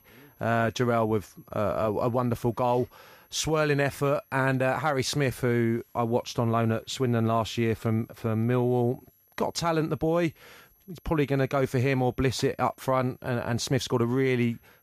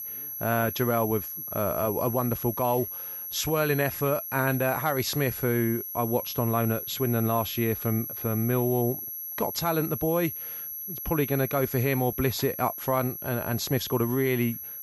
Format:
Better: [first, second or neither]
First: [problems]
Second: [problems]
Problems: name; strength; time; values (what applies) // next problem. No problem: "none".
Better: first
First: high-pitched whine; faint; throughout; 11.5 kHz, 35 dB below the speech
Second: high-pitched whine; loud; throughout; 11.5 kHz, 6 dB below the speech